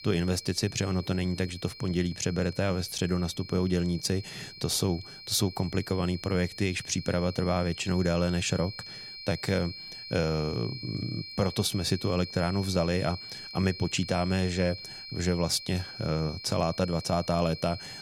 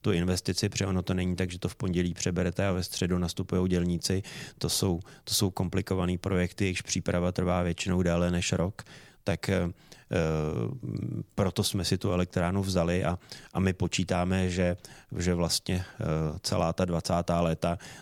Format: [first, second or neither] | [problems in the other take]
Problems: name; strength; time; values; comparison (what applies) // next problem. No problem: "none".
second | high-pitched whine; noticeable; throughout; 4 kHz, 10 dB below the speech